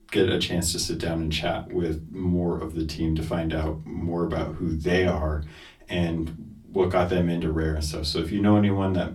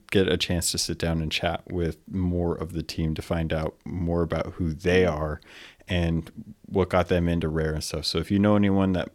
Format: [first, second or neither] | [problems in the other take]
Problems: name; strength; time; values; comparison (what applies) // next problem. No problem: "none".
second | off-mic speech; far // room echo; very slight; dies away in 0.3 s